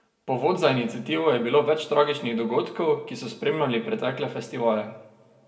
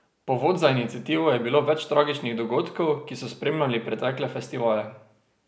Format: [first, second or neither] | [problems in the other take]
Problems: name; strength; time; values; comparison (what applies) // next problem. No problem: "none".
second | room echo; dies away in 1.2 s